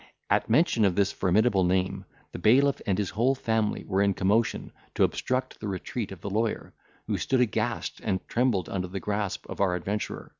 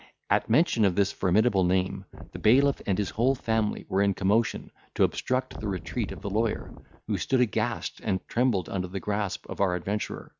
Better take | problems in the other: first | noise reduction (neural mask model RNNoise)

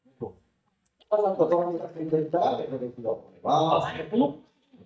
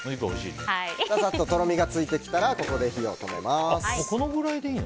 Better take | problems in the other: second | noise reduction (neural mask model DeepFilterNet 3)

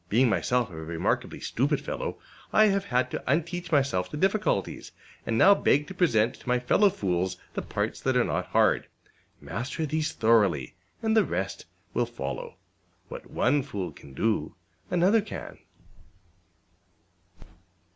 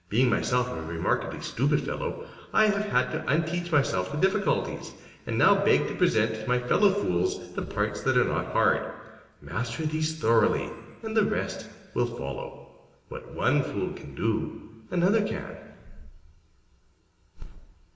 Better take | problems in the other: first | room echo; dies away in 1.4 s

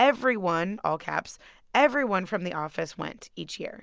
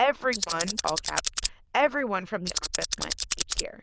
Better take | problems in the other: first | noise reduction (neural diffusion model UNIVERSE++)

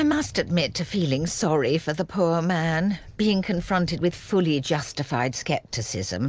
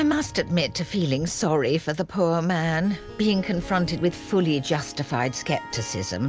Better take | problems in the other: first | background sound (Harp); 18 dB below the speech

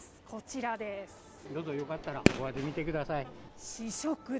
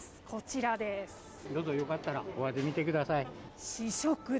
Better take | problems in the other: second | background sound (Fireworks); 2 dB above the speech

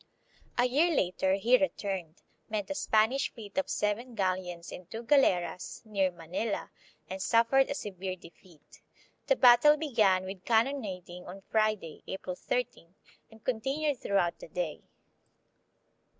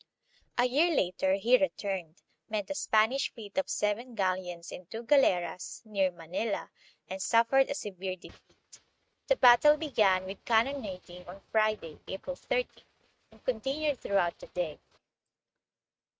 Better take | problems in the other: first | noise reduction (neural mask model RNNoise)

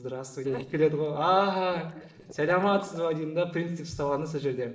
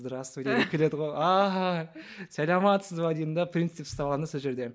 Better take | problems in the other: second | noise reduction (neural separator model SepFormer DNS4)

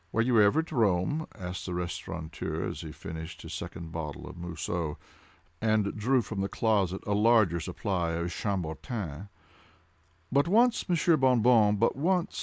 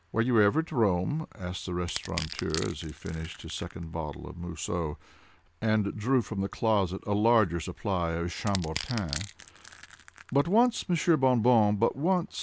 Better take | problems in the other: first | background sound (Crushing); 14 dB below the speech

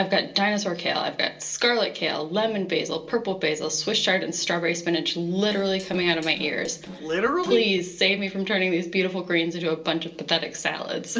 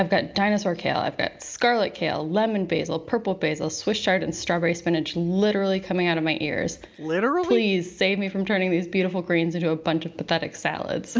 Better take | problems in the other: second | noise reduction (neural separator model SepFormer DNS4)

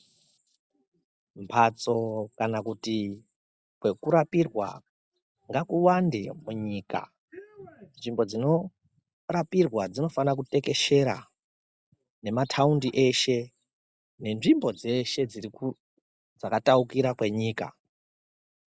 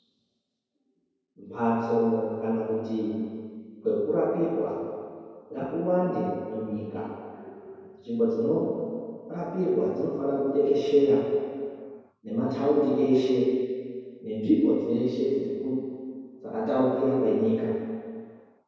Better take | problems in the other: first | room echo; dies away in 2.2 s

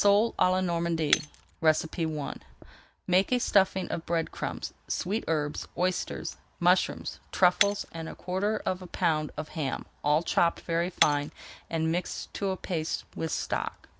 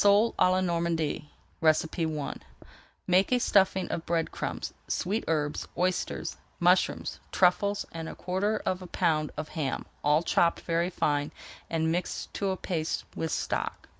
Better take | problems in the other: second | background sound (Shatter); 11 dB below the speech

